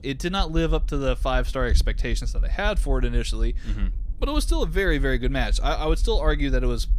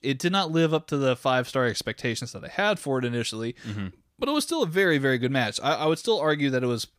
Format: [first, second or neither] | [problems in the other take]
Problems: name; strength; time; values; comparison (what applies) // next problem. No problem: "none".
second | low rumble; faint; throughout; 25 dB below the speech